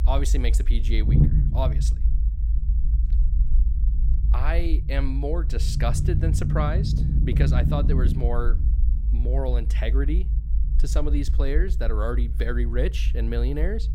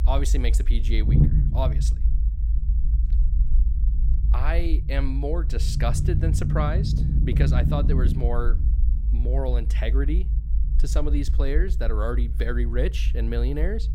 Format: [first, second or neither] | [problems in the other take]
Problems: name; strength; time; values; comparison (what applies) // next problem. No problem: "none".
neither | low rumble; loud; throughout; 8 dB below the speech; the same in both